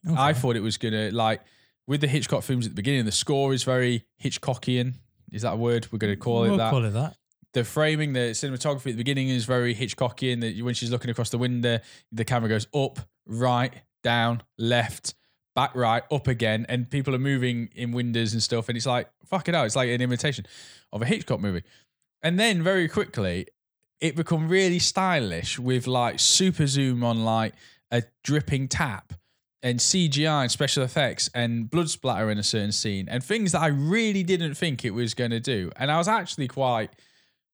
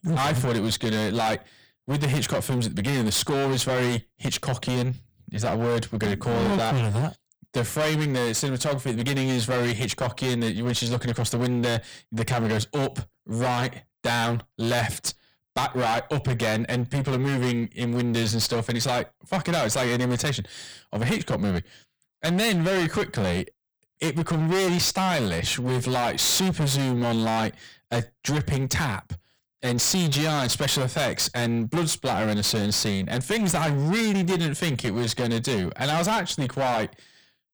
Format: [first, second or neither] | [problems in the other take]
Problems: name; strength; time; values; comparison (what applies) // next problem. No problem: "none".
first | distortion; heavy; 27% of the sound clipped